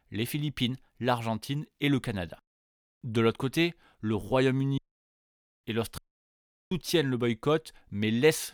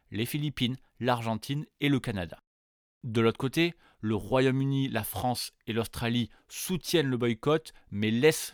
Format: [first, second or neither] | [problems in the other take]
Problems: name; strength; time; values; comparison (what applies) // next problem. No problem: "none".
second | audio cutting out; at 5 s for 1 s and at 6 s for 0.5 s